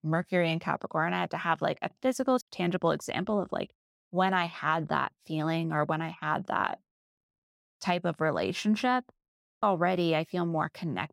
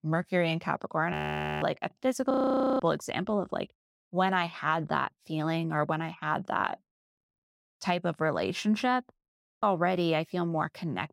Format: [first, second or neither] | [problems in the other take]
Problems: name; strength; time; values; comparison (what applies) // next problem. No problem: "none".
first | audio freezing; at 1 s and at 2.5 s